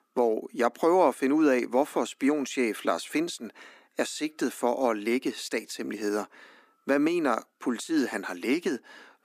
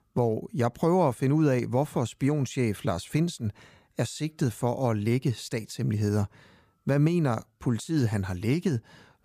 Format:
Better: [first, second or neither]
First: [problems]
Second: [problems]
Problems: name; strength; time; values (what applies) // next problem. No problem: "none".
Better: second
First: thin; somewhat; fading below 250 Hz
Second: none